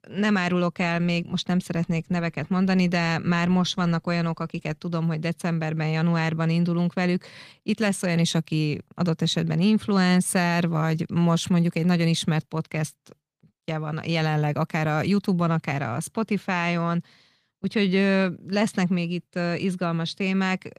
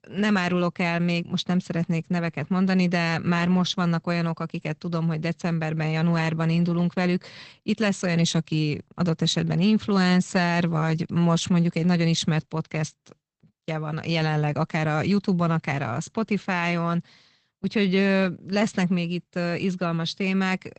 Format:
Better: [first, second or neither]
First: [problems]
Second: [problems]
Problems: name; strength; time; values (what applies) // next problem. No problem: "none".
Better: first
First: garbled, watery; slightly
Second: garbled, watery; badly; nothing above 8 kHz